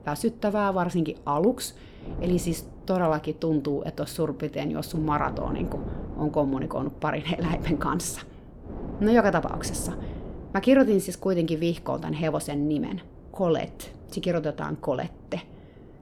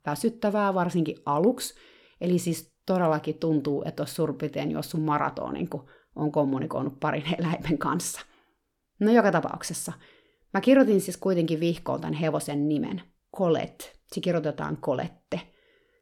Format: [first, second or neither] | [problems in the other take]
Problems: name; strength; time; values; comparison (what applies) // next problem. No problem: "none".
second | wind noise on the microphone; occasional gusts; 20 dB below the speech